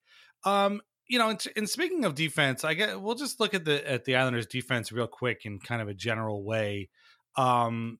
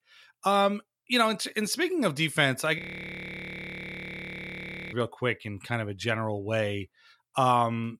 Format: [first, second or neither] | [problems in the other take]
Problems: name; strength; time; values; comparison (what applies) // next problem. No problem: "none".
first | audio freezing; at 3 s for 2 s